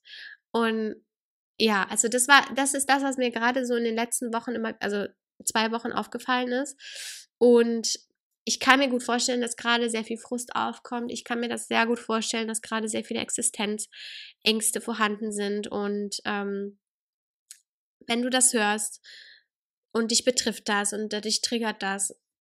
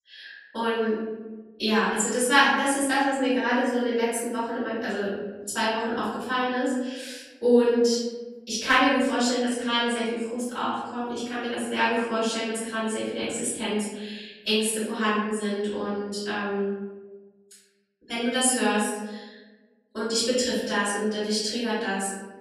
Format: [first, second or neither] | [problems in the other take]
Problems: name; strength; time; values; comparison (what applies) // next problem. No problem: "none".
first | room echo; strong; dies away in 1.3 s // off-mic speech; far